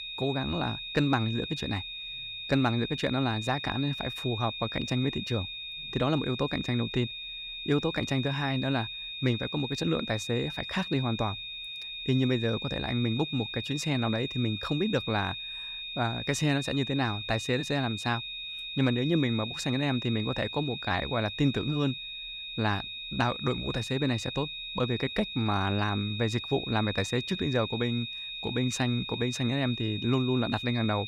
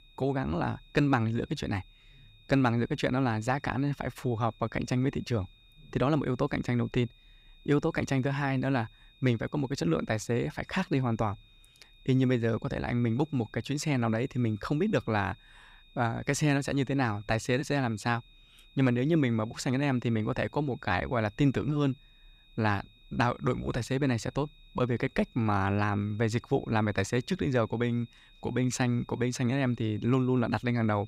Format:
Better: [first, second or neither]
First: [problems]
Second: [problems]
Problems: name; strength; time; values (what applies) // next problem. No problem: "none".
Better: second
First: high-pitched whine; loud; throughout; 3.5 kHz, 6 dB below the speech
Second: high-pitched whine; faint; throughout; 3.5 kHz, 30 dB below the speech